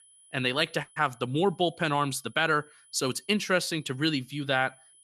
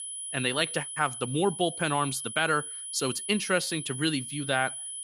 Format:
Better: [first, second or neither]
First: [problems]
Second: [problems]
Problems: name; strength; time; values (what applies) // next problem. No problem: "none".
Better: first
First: high-pitched whine; faint; throughout; 10 kHz, 30 dB below the speech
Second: high-pitched whine; loud; throughout; 10 kHz, 7 dB below the speech